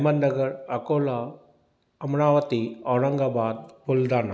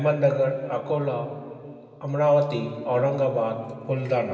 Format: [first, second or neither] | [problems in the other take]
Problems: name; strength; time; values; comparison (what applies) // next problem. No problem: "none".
first | room echo; dies away in 2.7 s